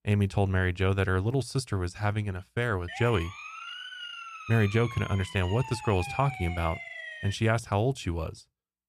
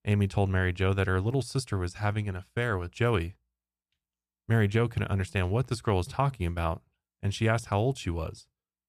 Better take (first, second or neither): second